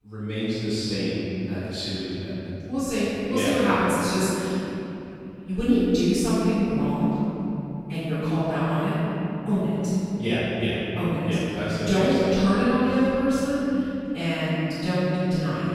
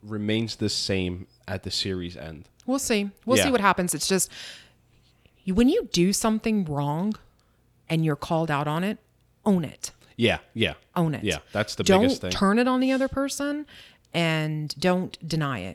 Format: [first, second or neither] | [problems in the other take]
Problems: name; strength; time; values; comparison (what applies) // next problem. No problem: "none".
second | room echo; strong; dies away in 3 s // off-mic speech; far